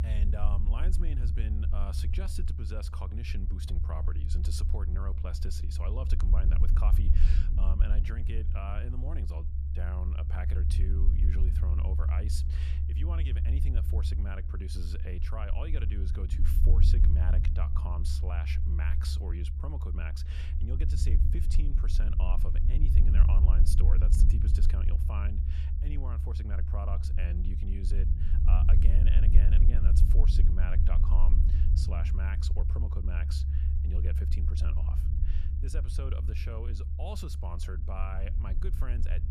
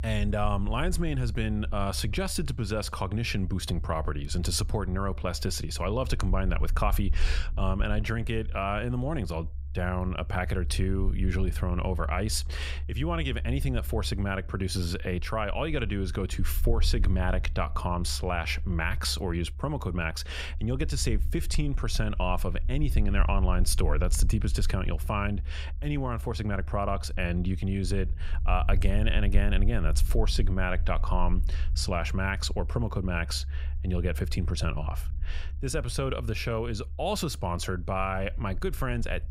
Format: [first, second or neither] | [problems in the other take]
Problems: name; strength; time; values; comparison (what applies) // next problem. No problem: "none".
second | low rumble; loud; throughout; 2 dB below the speech; faint in the second